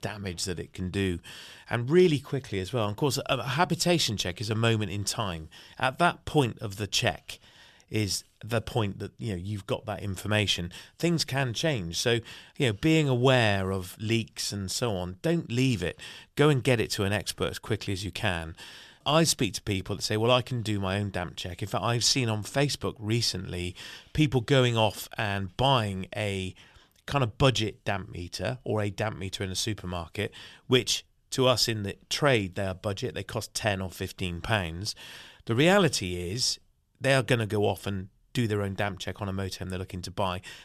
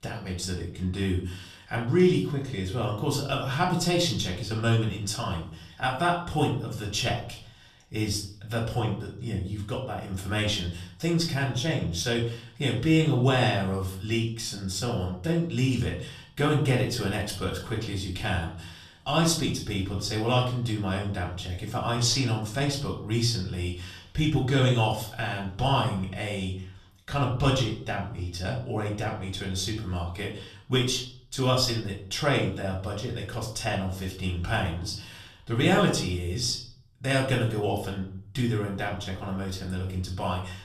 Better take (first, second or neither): first